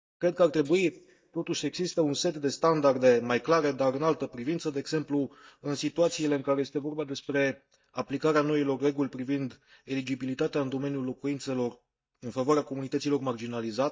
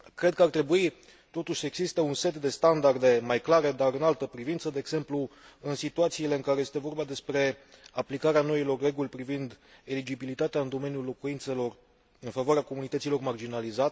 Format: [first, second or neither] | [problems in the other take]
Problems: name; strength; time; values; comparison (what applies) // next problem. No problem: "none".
second | noise reduction (neural mask model DeepFilterNet 3)